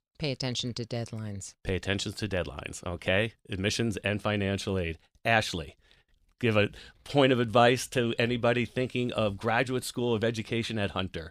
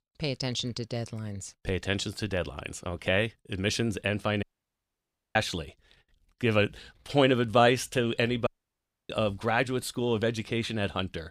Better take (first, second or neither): first